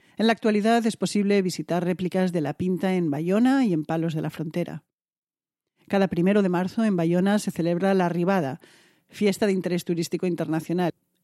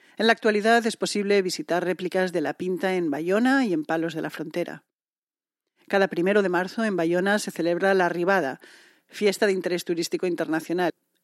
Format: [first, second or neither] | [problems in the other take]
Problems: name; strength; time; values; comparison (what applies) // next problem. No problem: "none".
first | thin; somewhat; fading below 350 Hz